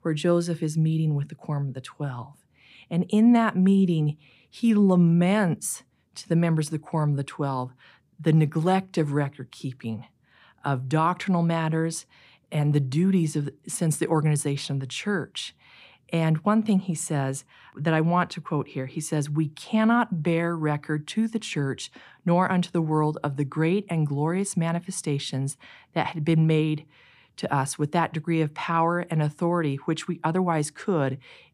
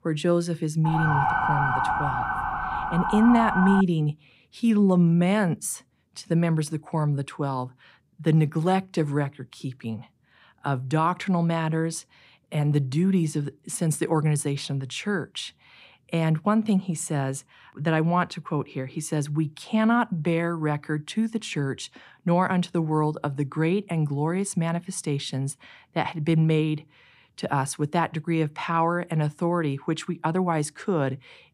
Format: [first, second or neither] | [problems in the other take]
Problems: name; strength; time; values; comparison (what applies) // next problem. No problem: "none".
first | siren; loud; from 1 to 4 s; peak 2 dB above the speech